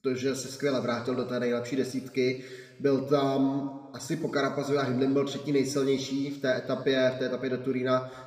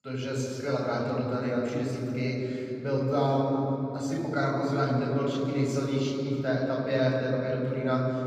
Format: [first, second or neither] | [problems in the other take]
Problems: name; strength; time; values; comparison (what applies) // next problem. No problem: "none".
first | room echo; strong; dies away in 3 s; slight in the first // off-mic speech; far